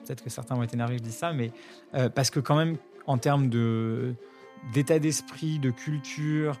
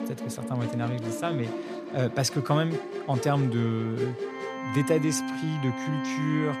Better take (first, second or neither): first